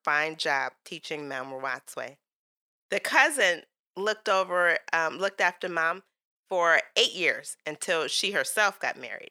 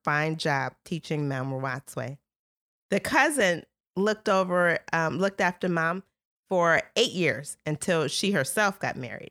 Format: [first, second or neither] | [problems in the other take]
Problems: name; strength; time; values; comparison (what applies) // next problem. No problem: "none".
second | thin; somewhat; fading below 450 Hz